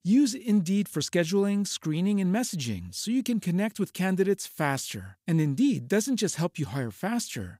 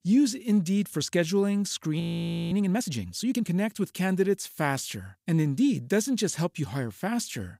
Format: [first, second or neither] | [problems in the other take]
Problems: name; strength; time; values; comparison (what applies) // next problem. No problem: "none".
first | audio freezing; at 2 s for 0.5 s